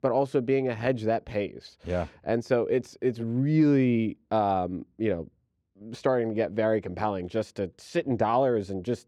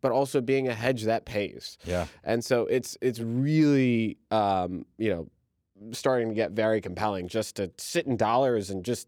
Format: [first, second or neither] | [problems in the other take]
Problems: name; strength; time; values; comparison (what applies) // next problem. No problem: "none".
second | muffled; slightly; fading above 1.5 kHz